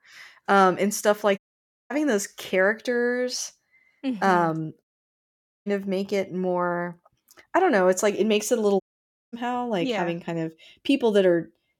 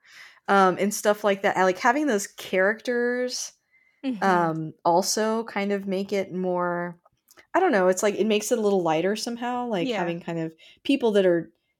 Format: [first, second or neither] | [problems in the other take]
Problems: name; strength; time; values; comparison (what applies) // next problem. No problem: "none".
second | audio cutting out; at 1.5 s for 0.5 s, at 5 s for 1 s and at 9 s for 0.5 s